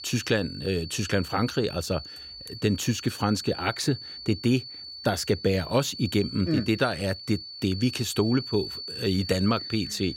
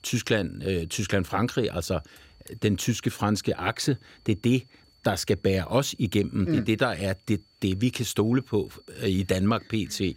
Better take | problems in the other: second | high-pitched whine; loud; throughout; 4.5 kHz, 10 dB below the speech; faint in the second

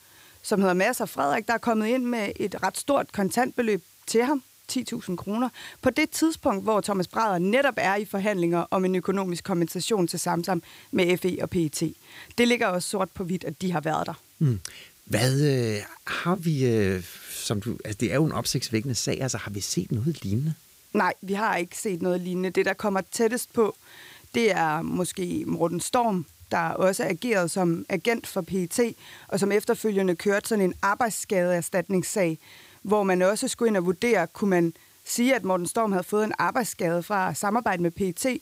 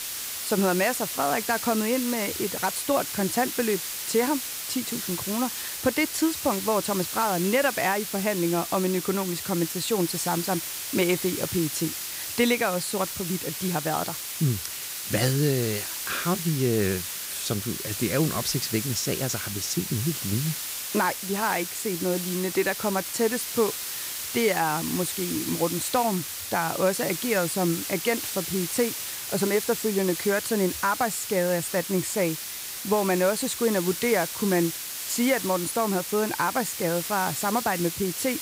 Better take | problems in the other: first | hiss; loud; throughout; 4 dB below the speech; faint in the first

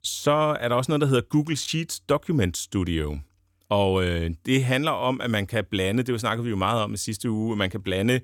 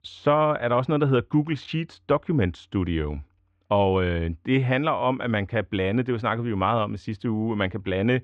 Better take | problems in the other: first | muffled; very; fading above 2.5 kHz

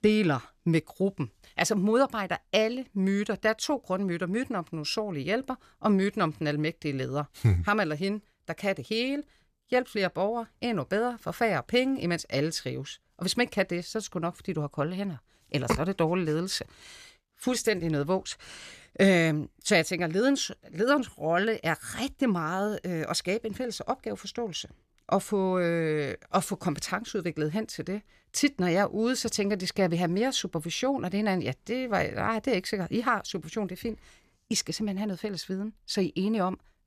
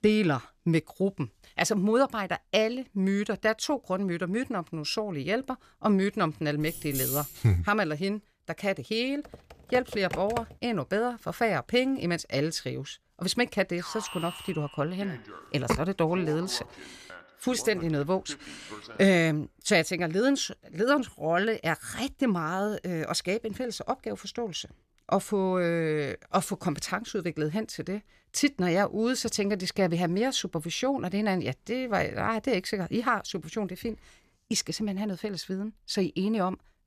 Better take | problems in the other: first | jangling keys; noticeable; at 6.5 s; peak 1 dB below the speech // keyboard typing; noticeable; from 9.5 to 11 s; peak 7 dB below the speech // alarm; noticeable; from 14 to 19 s; peak 10 dB below the speech

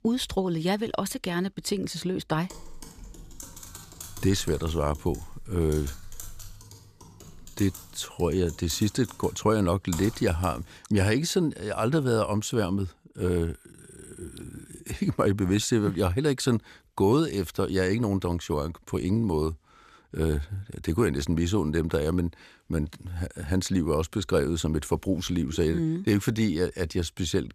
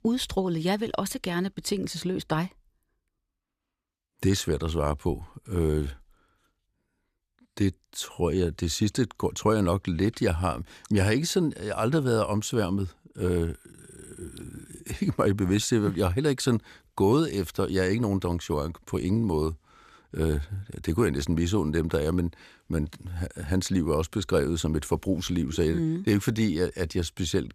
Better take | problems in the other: second | keyboard typing; faint; from 2.5 to 11 s; peak 10 dB below the speech

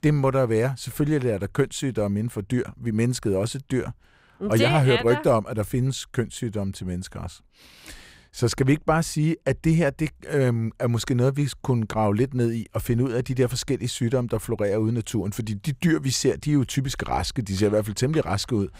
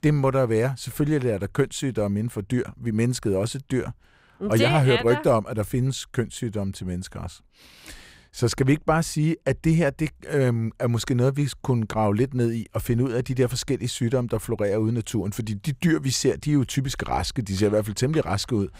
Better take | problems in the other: neither | none

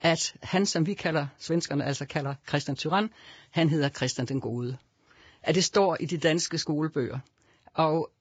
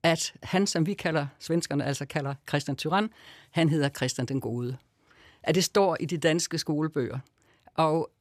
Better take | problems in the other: second | garbled, watery; badly; nothing above 7.5 kHz

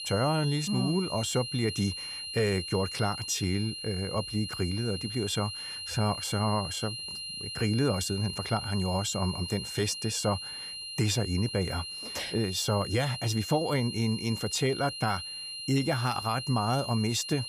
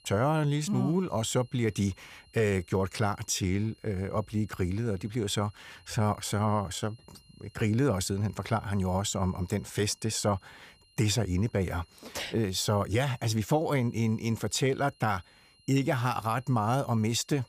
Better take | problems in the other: second | high-pitched whine; loud; throughout; 4 kHz, 6 dB below the speech; faint in the second

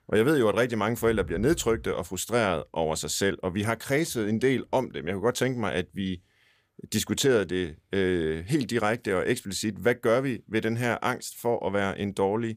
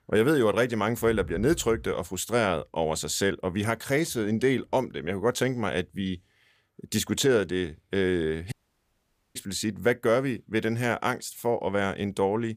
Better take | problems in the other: first | audio cutting out; at 8.5 s for 1 s

